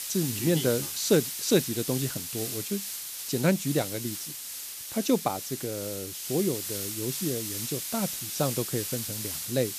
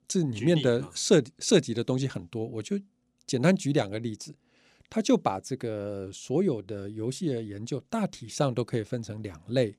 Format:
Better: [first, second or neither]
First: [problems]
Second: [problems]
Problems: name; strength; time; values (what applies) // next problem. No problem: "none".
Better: second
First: hiss; loud; throughout; 3 dB below the speech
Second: none